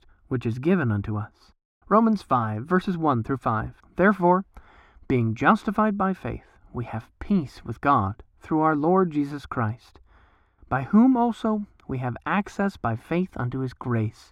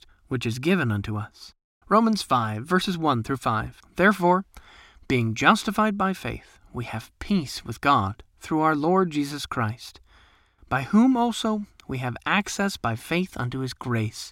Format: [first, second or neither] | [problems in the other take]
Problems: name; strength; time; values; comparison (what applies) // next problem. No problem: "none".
second | muffled; slightly; fading above 2 kHz